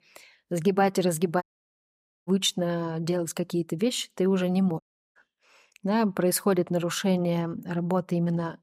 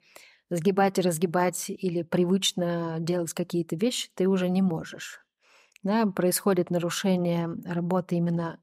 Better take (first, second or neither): second